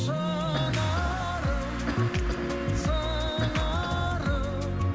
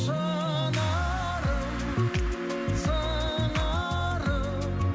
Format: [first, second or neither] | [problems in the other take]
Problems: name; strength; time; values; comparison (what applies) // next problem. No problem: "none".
second | background sound (Cough + Growling); 11 dB below the speech